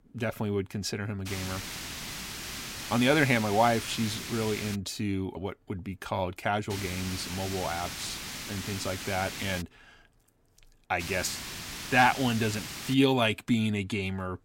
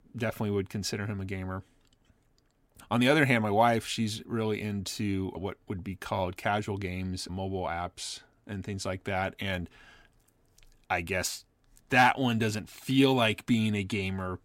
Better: second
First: hiss; loud; from 1.5 to 5 s, from 6.5 to 9.5 s and from 11 to 13 s; 8 dB below the speech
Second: none

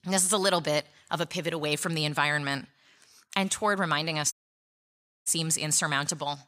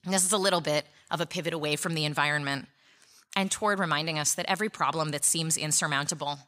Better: second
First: audio cutting out; at 4.5 s for 1 s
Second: none

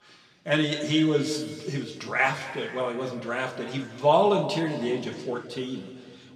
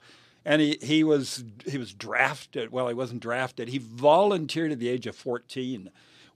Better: second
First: room echo; noticeable; dies away in 2 s // off-mic speech; somewhat distant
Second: none

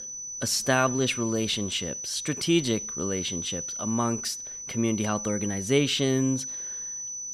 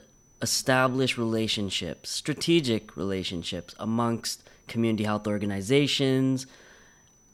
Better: second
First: high-pitched whine; loud; throughout; 6 kHz, 6 dB below the speech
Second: high-pitched whine; faint; throughout; 6 kHz, 35 dB below the speech

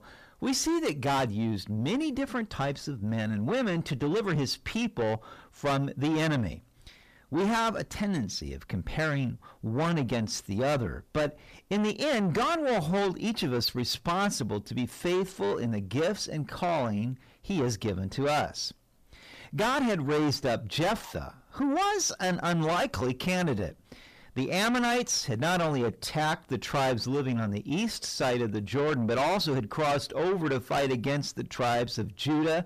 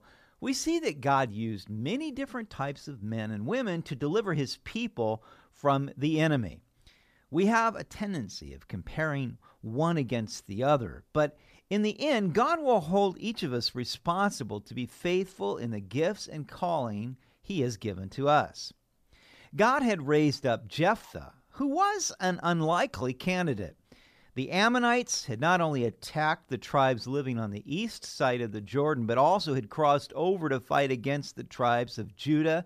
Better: second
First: distortion; heavy; 6 dB below the speech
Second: none

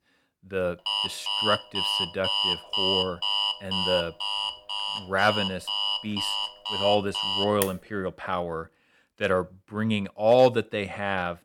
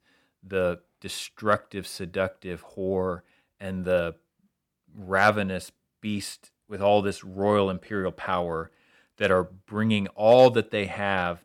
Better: second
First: alarm; loud; from 1 to 7.5 s; peak 4 dB above the speech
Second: none

